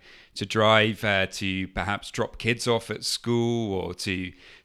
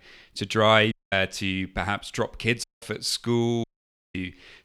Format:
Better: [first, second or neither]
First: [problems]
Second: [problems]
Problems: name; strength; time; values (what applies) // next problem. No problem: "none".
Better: first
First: none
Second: audio cutting out; at 1 s, at 2.5 s and at 3.5 s